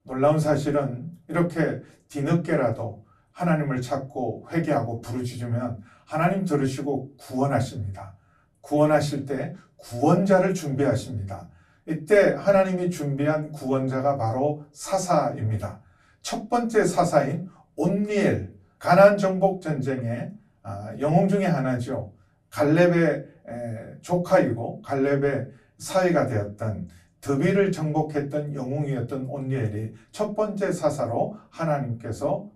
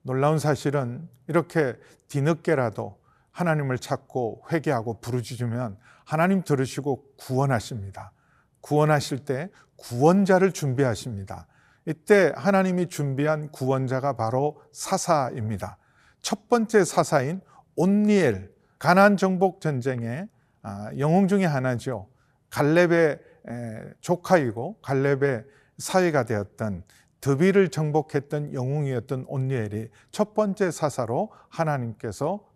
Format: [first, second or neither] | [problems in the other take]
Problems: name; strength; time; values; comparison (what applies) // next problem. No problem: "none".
second | off-mic speech; far // room echo; very slight; dies away in 0.3 s